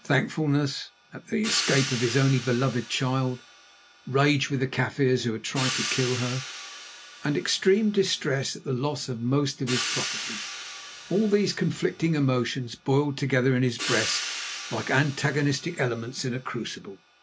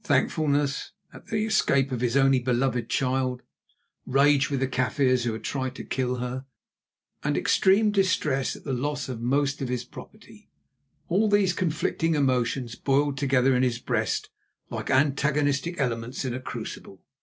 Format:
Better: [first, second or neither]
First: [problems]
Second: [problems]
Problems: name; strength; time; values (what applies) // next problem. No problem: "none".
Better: second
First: background sound (Hi-hat); 10 dB below the speech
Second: none